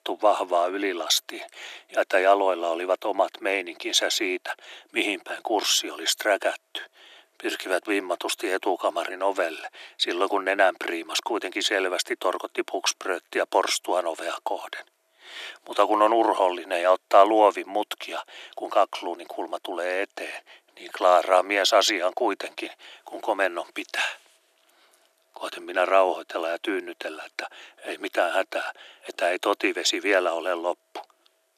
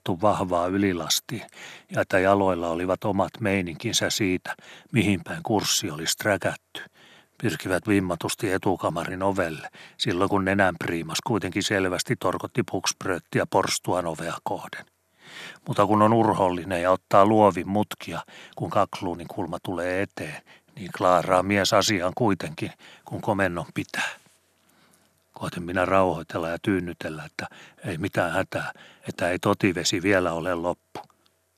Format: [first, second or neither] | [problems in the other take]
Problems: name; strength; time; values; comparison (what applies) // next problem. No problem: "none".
second | thin; very; fading below 350 Hz